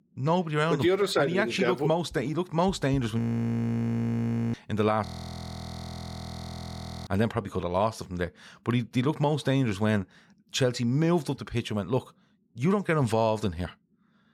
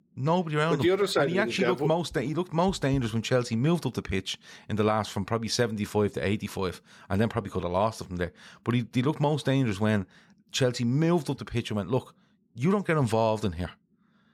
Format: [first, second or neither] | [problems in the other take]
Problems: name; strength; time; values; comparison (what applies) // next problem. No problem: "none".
second | audio freezing; at 3 s for 1.5 s and at 5 s for 2 s